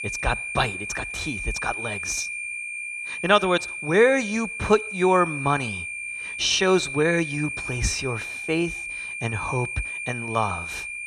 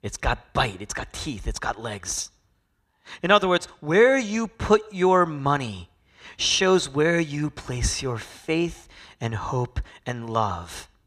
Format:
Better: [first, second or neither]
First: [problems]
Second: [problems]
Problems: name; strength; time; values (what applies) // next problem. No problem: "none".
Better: second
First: high-pitched whine; loud; throughout; 2.5 kHz, 6 dB below the speech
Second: none